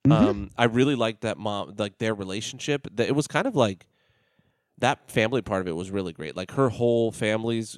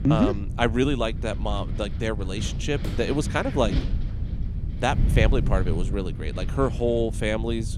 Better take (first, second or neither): first